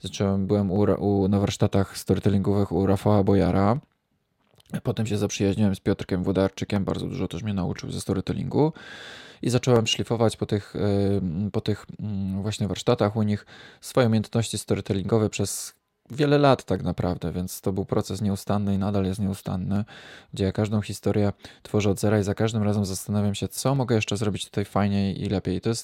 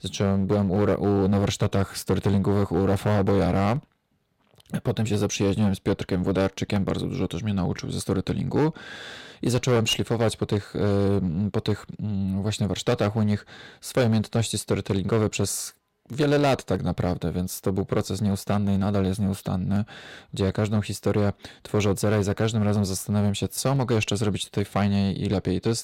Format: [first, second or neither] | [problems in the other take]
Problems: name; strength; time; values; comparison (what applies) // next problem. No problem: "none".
first | distortion; slight; 9% of the sound clipped